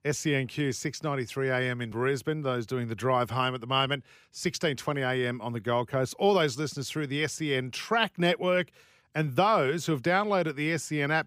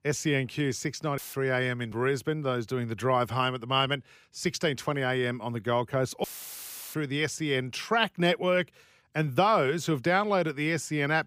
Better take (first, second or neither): first